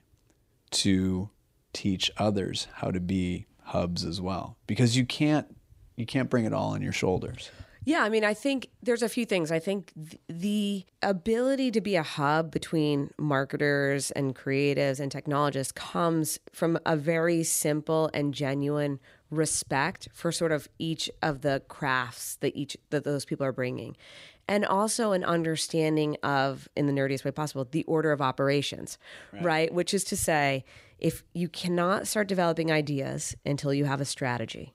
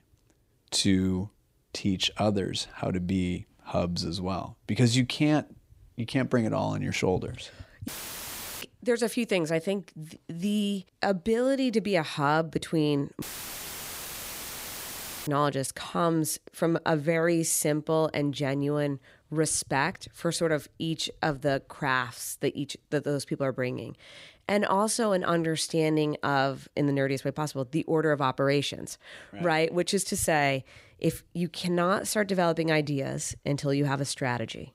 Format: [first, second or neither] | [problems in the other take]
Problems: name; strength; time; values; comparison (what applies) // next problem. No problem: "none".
first | audio cutting out; filled with static; at 8 s for 0.5 s and at 13 s for 2 s